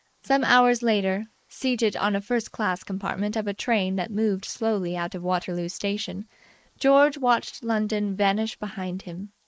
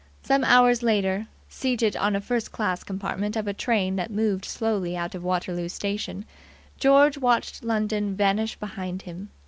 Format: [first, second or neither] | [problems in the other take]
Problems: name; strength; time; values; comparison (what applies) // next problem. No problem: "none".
second | noise reduction (neural mask model Resemble Enhance denoiser)